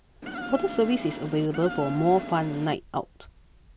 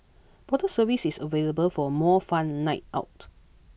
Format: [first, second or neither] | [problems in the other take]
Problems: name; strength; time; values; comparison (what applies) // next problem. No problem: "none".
second | background sound (Insect); 9 dB below the speech